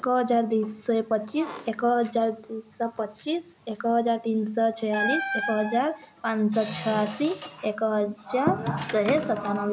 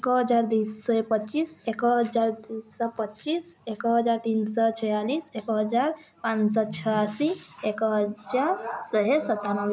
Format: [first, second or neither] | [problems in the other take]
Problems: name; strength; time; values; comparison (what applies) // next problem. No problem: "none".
second | background sound (Squeak); 10 dB below the speech